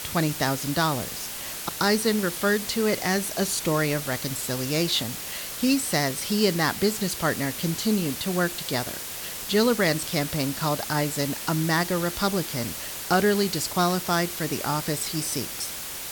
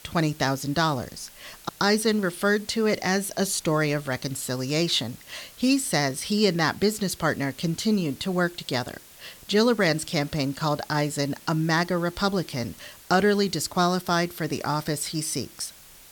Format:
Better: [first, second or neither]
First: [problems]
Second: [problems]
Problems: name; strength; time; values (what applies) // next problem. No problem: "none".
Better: second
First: hiss; loud; throughout; 6 dB below the speech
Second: hiss; faint; throughout; 20 dB below the speech